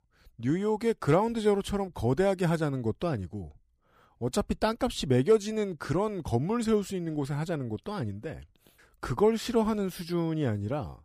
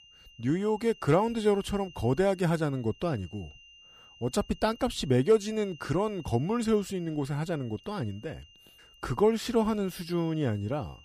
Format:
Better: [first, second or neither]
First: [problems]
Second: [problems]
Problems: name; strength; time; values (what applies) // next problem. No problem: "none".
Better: first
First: none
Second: high-pitched whine; faint; throughout; 3 kHz, 25 dB below the speech